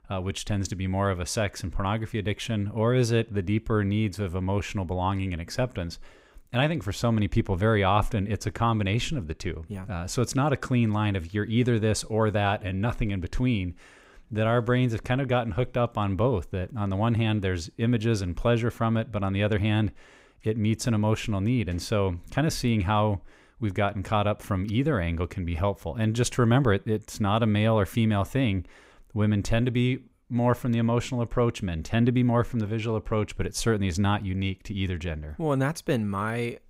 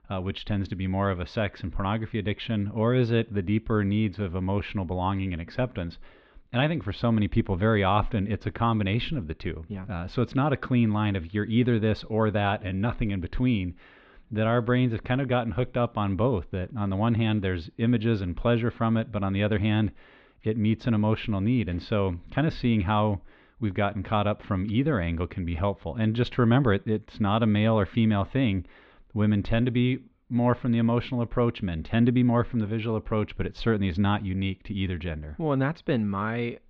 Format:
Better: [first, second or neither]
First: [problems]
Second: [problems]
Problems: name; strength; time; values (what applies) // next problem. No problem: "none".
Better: first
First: none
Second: muffled; slightly; fading above 4 kHz